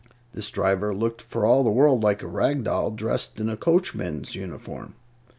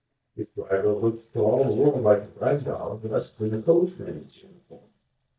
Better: first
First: none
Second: noise reduction (neural mask model DeepFilterNet 3)

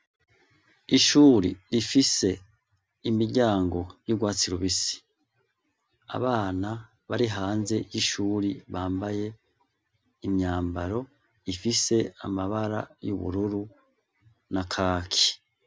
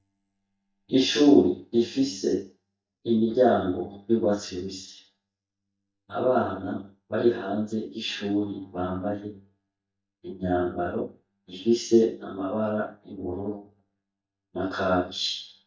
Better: first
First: none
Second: noise reduction (neural mask model DeepFilterNet 3)

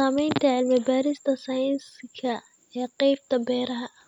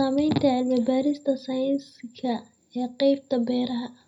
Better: first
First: none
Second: room echo; dies away in 0.4 s

